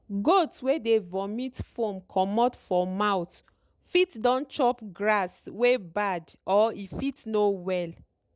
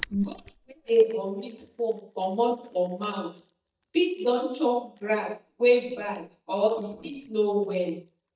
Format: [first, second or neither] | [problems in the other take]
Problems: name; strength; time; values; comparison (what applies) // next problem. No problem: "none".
first | noise reduction (neural mask model DeepFilterNet 3)